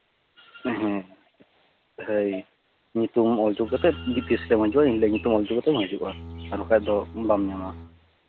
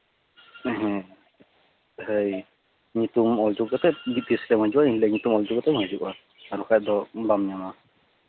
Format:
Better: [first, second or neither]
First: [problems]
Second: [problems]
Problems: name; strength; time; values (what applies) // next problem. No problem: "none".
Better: second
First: background sound (Bowed string instrument); 15 dB below the speech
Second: none